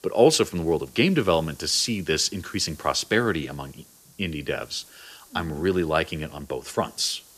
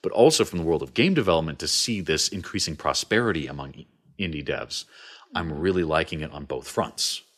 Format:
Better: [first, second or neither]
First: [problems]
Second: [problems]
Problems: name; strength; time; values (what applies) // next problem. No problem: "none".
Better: second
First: hiss; faint; throughout; 25 dB below the speech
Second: none